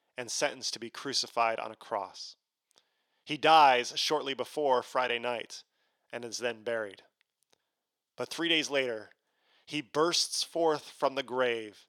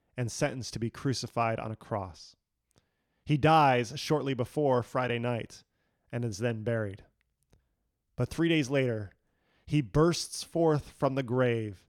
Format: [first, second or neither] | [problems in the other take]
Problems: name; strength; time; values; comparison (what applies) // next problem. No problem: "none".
second | thin; very; fading below 450 Hz